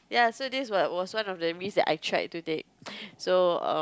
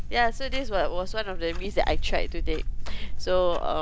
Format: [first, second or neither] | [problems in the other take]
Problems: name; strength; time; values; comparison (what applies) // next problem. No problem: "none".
first | background sound (Clock); 2 dB above the speech